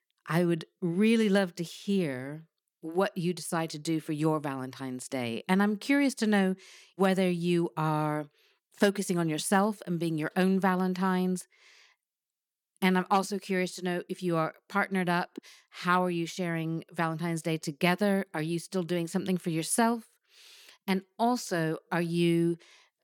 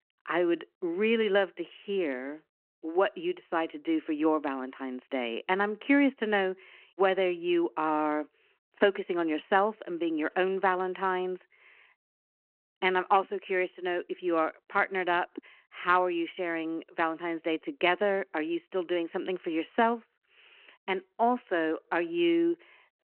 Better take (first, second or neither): first